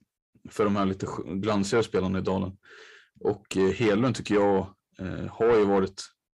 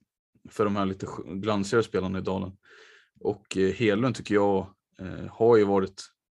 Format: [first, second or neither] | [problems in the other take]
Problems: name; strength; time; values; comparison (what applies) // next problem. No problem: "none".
second | distortion; slight; 10 dB below the speech